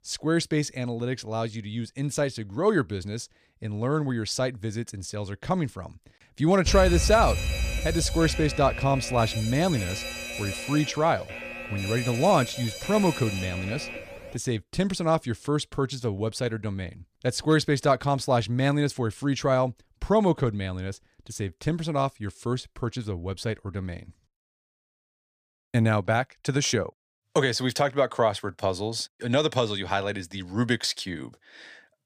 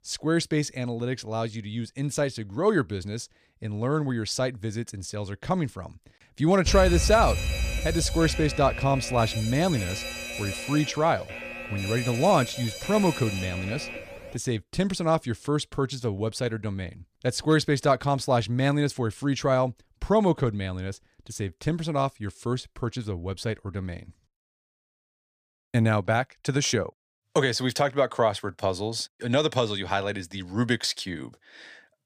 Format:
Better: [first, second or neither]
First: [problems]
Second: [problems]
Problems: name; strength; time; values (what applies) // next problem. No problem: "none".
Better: neither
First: alarm; loud; from 6.5 to 14 s; peak 1 dB above the speech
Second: alarm; loud; from 6.5 to 14 s; peak 1 dB above the speech